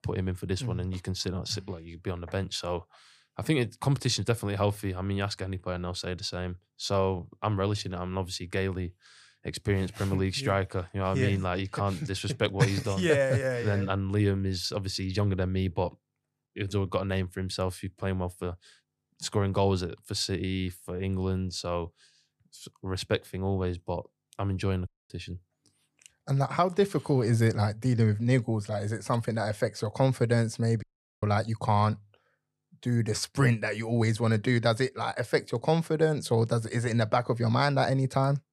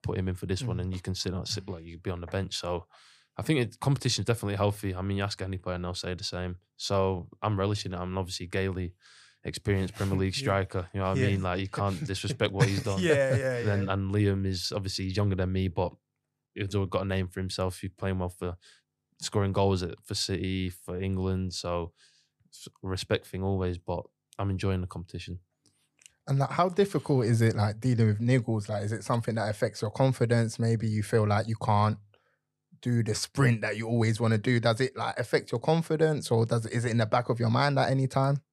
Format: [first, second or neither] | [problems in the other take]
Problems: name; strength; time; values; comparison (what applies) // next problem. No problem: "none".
second | audio cutting out; at 25 s and at 31 s